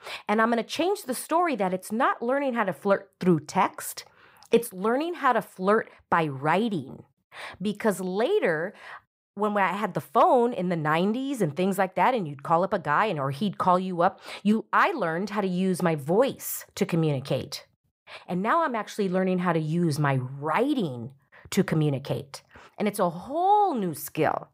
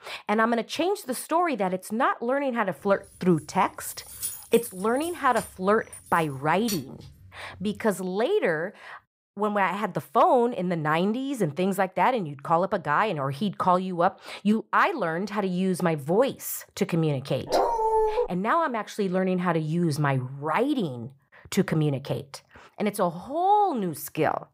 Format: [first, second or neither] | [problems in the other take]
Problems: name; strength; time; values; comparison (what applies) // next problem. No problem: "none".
first | jangling keys; noticeable; from 3.5 to 7.5 s; peak 6 dB below the speech // dog barking; loud; at 17 s; peak 2 dB above the speech